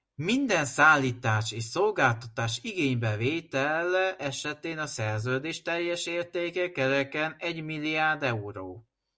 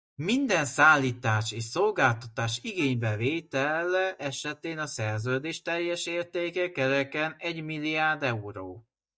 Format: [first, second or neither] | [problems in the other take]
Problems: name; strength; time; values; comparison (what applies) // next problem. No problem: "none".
first | noise reduction (neural mask model DeepFilterNet 3)